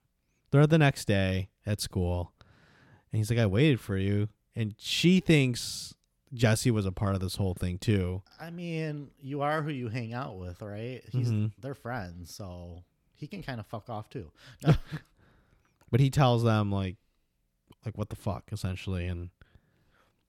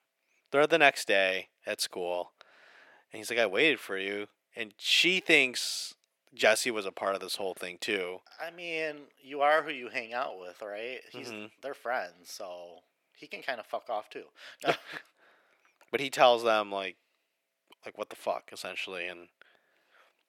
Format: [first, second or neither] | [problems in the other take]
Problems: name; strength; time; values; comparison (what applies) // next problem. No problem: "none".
first | thin; very; fading below 400 Hz